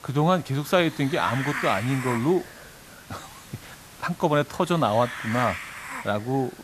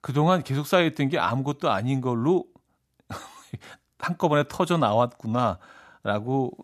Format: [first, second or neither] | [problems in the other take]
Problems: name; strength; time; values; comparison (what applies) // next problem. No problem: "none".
second | hiss; noticeable; throughout; 10 dB below the speech